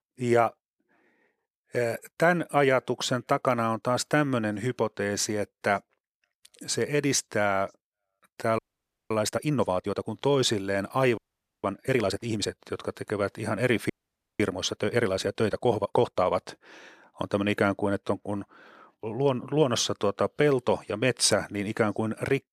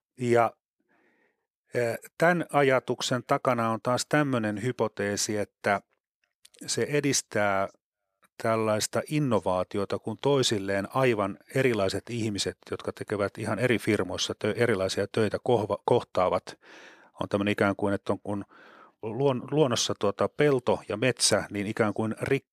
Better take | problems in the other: second | audio freezing; at 8.5 s for 0.5 s, at 11 s and at 14 s

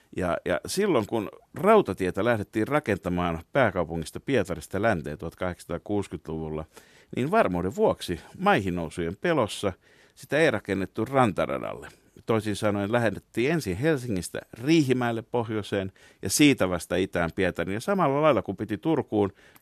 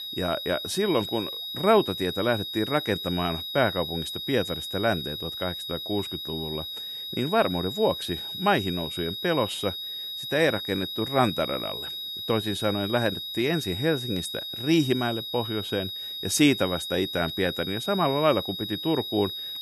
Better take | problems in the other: first | high-pitched whine; loud; throughout; 4 kHz, 5 dB below the speech

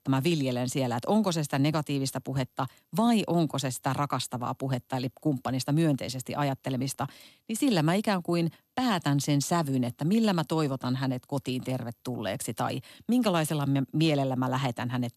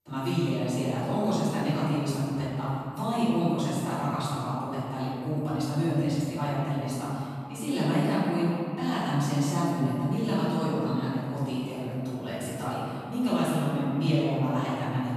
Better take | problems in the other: first | off-mic speech; far // room echo; strong; dies away in 2.4 s

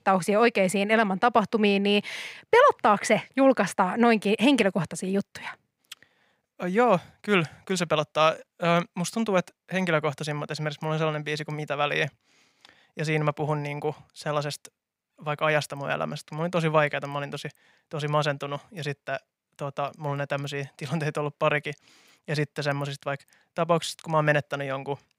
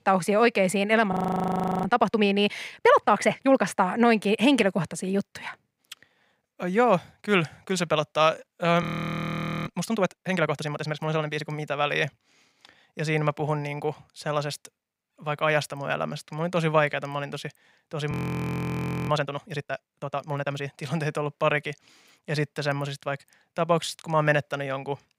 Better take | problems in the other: first | audio freezing; at 1 s for 0.5 s, at 9 s for 1 s and at 18 s for 1 s

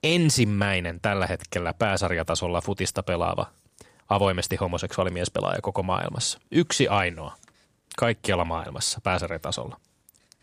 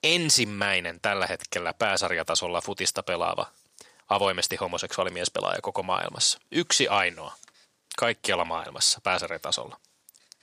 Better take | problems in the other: first | thin; somewhat; fading below 600 Hz

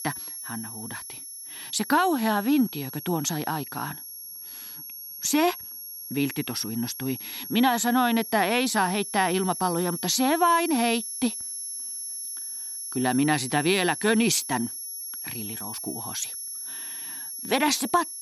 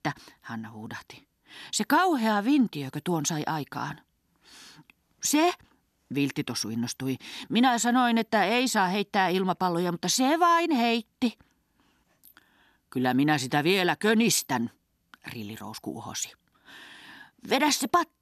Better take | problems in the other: second | high-pitched whine; loud; throughout; 11 kHz, 8 dB below the speech

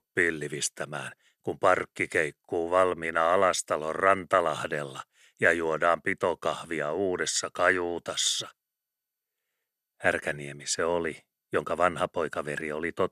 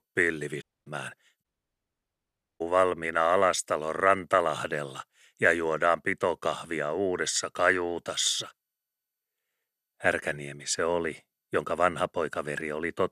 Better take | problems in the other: first | audio cutting out; at 0.5 s and at 1.5 s for 1 s

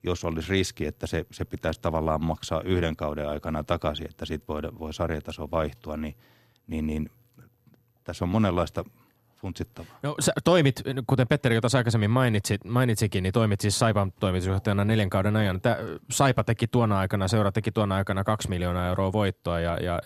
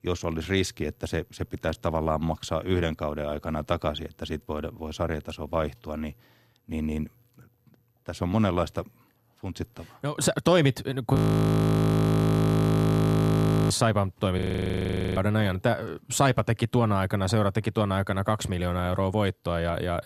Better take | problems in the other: first | audio freezing; at 11 s for 2.5 s and at 14 s for 1 s

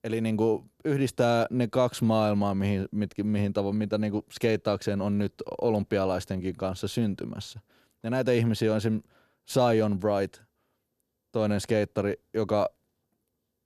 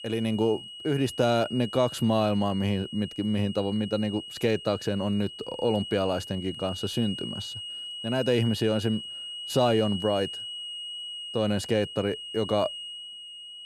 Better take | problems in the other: first | high-pitched whine; loud; throughout; 3 kHz, 9 dB below the speech

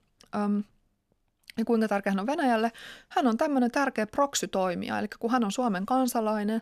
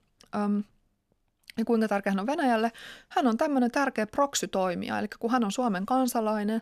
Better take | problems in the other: neither | none

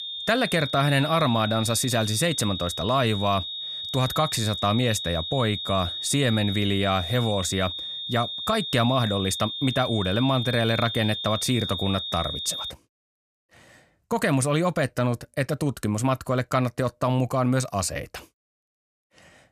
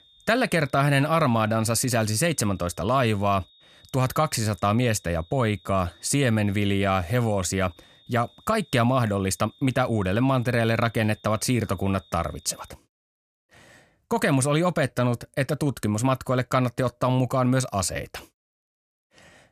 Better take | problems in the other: second | high-pitched whine; loud; until 13 s; 3.5 kHz, 5 dB below the speech; faint in the second

